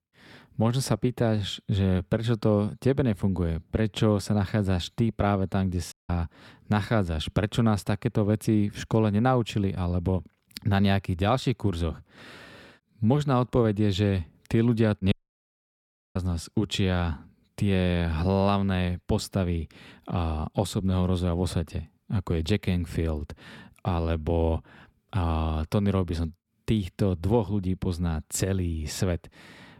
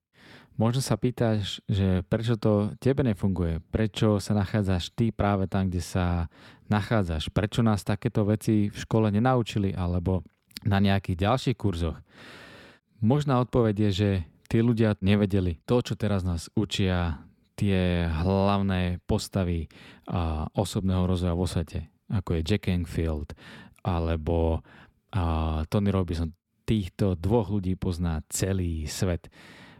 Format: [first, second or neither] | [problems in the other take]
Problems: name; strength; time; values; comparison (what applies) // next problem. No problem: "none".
second | audio cutting out; at 6 s and at 15 s for 1 s